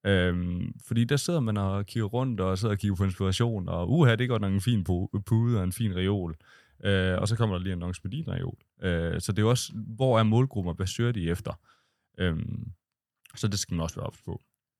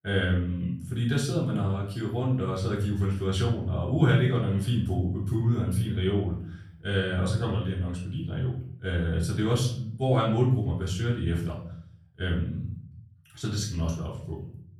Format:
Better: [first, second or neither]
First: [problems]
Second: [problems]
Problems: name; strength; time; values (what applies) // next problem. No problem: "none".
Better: first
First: none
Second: off-mic speech; far // room echo; noticeable; dies away in 0.6 s